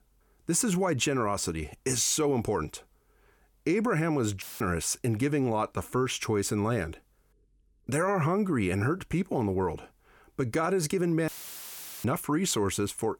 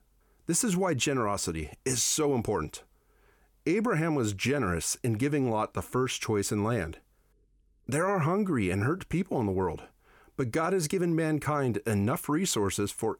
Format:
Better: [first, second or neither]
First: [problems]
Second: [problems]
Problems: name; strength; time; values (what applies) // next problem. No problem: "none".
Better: second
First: audio cutting out; filled with static; at 4.5 s and at 11 s for 1 s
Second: none